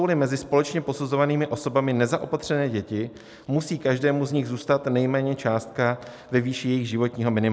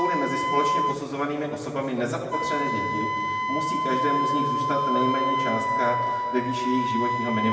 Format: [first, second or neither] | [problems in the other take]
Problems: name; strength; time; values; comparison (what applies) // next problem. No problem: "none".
first | background sound (Wind instrument, woodwind instrument); 1 dB above the speech // room echo; dies away in 2.2 s